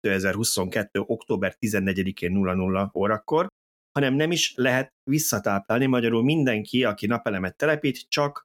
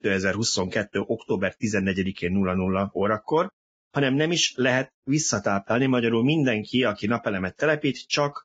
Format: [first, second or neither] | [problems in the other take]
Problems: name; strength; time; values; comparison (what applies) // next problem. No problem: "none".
first | garbled, watery; badly; nothing above 7.5 kHz